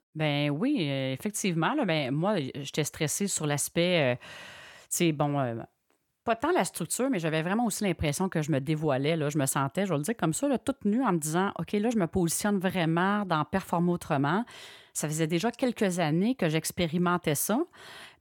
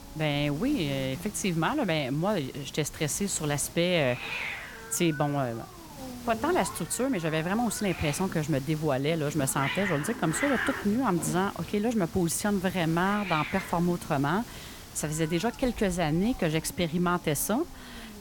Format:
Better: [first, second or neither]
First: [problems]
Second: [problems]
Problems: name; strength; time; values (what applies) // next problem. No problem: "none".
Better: first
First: none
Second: hiss; noticeable; throughout; 10 dB below the speech